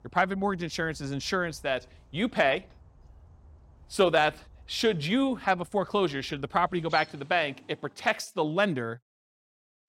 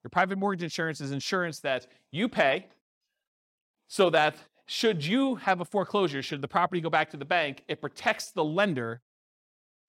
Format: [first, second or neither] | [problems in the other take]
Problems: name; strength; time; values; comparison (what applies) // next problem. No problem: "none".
second | animal sounds; faint; until 8 s; 25 dB below the speech